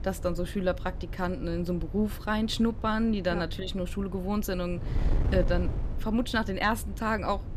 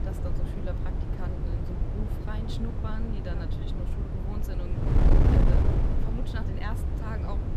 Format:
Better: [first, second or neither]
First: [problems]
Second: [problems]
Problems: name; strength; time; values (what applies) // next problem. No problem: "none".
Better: first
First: wind noise on the microphone; occasional gusts; 15 dB below the speech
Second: wind noise on the microphone; heavy; 4 dB above the speech